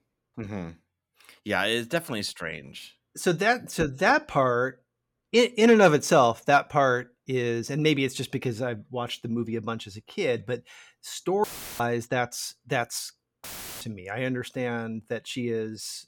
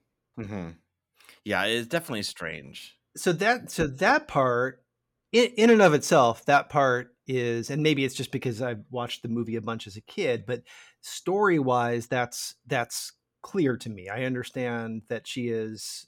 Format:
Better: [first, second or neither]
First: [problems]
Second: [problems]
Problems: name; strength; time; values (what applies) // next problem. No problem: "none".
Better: second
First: audio cutting out; filled with static; at 11 s and at 13 s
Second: none